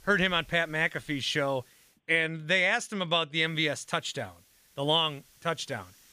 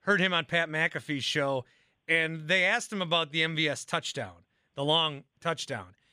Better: second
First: hiss; faint; until 2 s and from 3.5 s on; 30 dB below the speech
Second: none

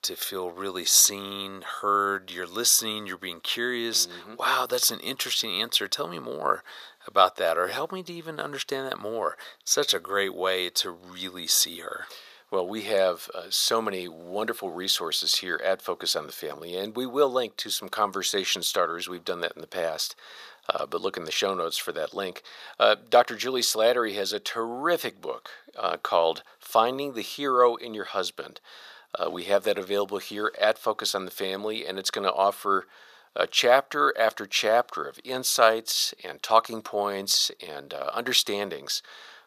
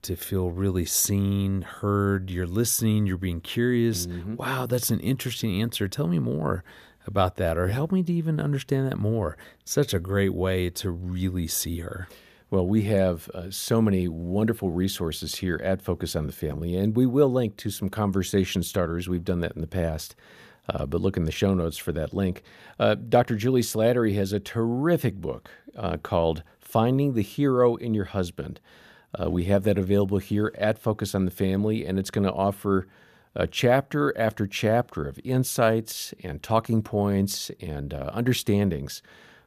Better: second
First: thin; very; fading below 600 Hz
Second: none

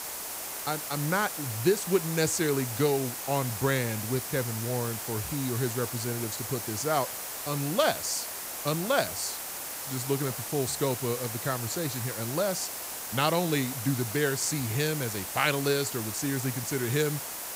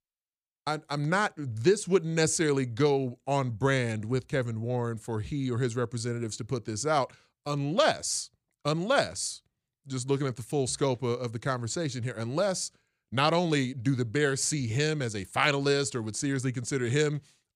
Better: second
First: hiss; loud; throughout; 4 dB below the speech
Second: none

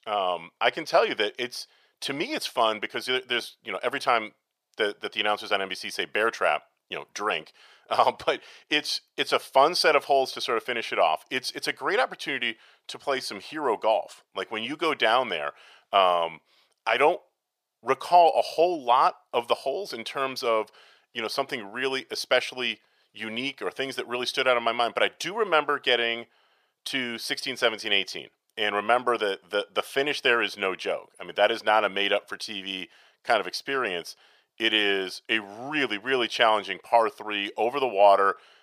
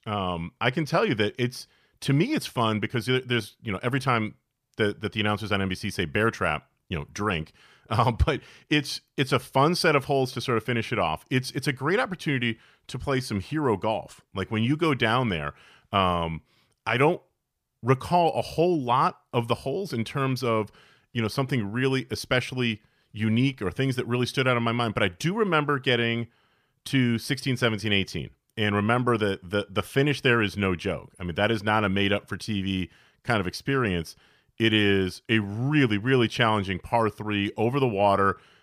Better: second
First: thin; very; fading below 500 Hz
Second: none

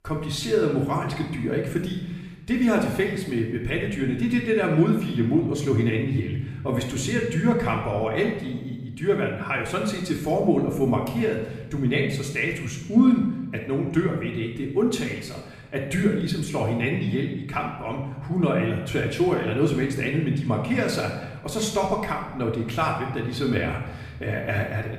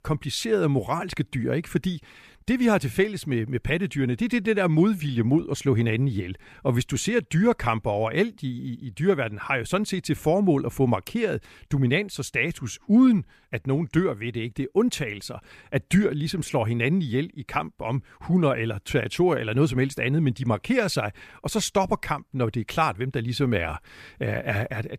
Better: second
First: room echo; noticeable; dies away in 1 s // off-mic speech; somewhat distant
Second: none

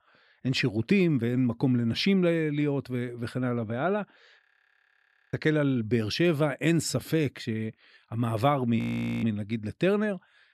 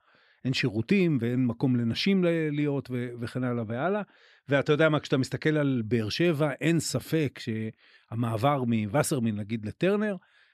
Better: second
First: audio freezing; at 4.5 s for 1 s and at 9 s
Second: none

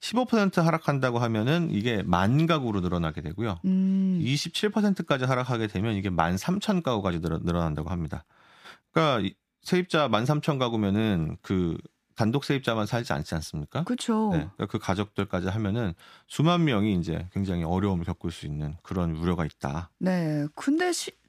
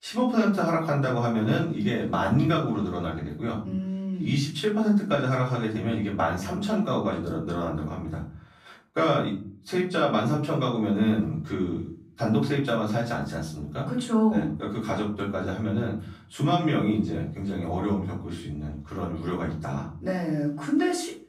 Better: first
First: none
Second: off-mic speech; far // room echo; slight; dies away in 0.4 s

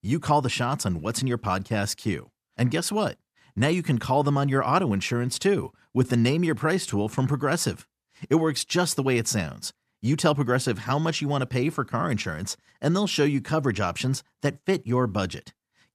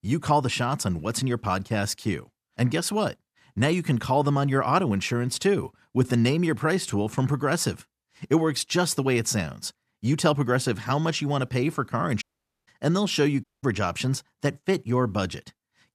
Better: first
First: none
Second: audio cutting out; at 12 s and at 13 s

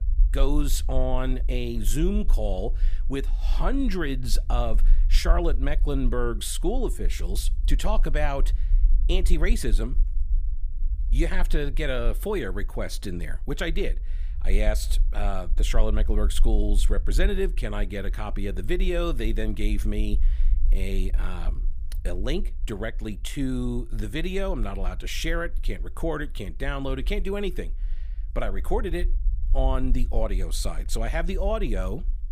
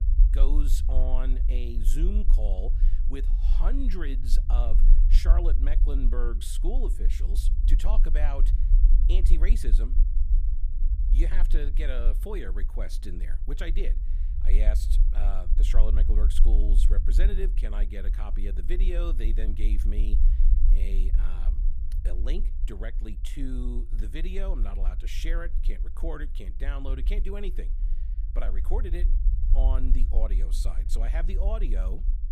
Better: first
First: low rumble; faint; throughout; 20 dB below the speech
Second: low rumble; loud; throughout; 10 dB below the speech

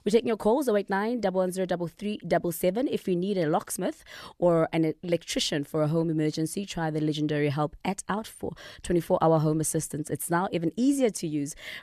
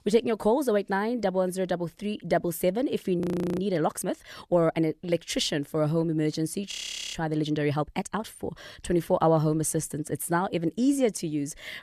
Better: first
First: none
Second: audio freezing; at 3 s and at 6.5 s

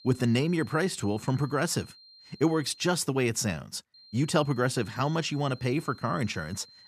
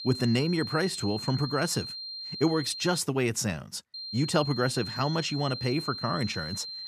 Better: first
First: high-pitched whine; faint; until 3 s and from 4 s on; 4 kHz, 25 dB below the speech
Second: high-pitched whine; loud; until 3 s and from 4 s on; 4 kHz, 7 dB below the speech

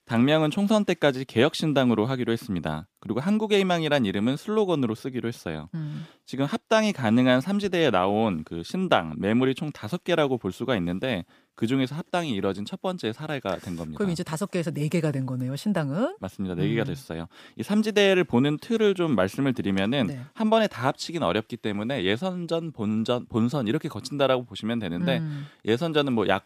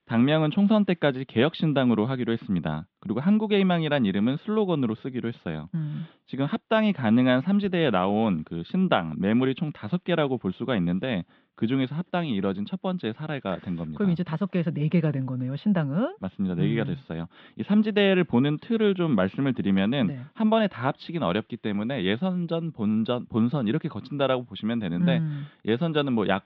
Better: first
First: none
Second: muffled; slightly; fading above 3.5 kHz

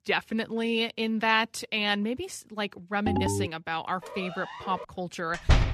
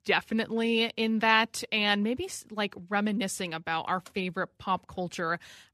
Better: second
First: phone ringing; loud; at 3 s; peak 1 dB above the speech // siren; faint; at 4 s; peak 10 dB below the speech // door banging; very faint; at 5.5 s; peak 4 dB above the speech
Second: none

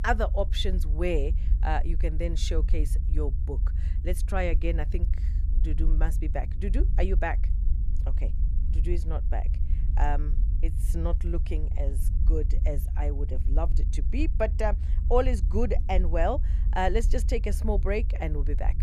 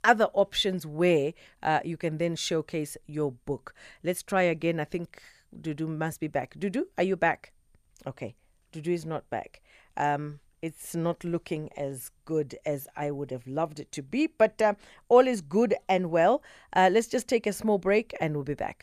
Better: second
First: low rumble; noticeable; throughout; 15 dB below the speech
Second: none

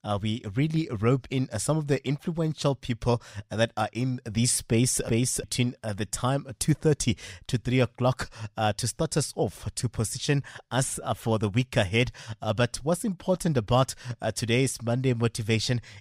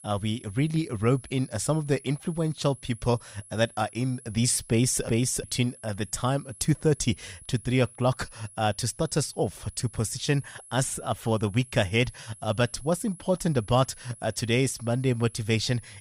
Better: first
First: none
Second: high-pitched whine; faint; throughout; 10.5 kHz, 20 dB below the speech

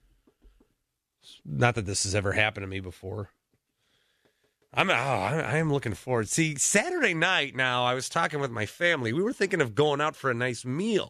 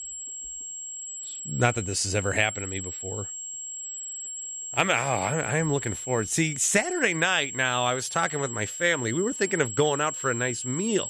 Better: first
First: none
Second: high-pitched whine; loud; throughout; 7.5 kHz, 7 dB below the speech

